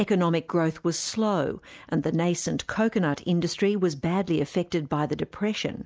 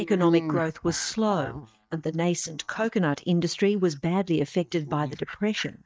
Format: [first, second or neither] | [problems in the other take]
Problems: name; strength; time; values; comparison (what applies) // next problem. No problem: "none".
first | noise reduction (neural mask model DeepFilterNet 3)